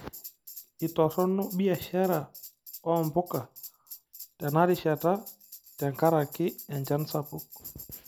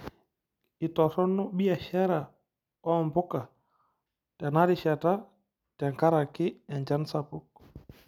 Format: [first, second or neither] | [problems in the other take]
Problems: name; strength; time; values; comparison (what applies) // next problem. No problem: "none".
second | background sound (Tambourine); 17 dB below the speech